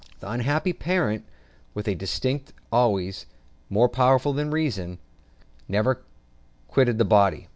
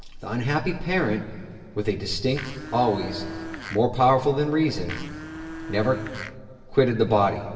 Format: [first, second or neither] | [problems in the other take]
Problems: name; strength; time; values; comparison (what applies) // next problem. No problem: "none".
first | background sound (Domestic sounds, home sounds); 11 dB below the speech // room echo; dies away in 2.2 s